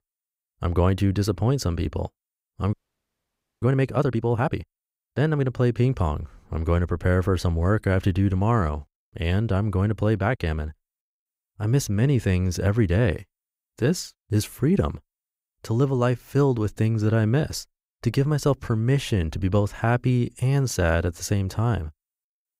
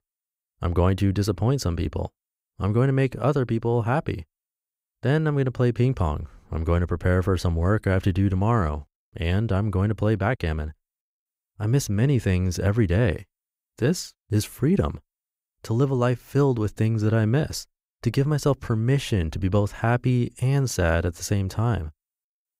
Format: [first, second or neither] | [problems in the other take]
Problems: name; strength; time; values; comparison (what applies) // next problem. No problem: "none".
second | audio freezing; at 2.5 s for 1 s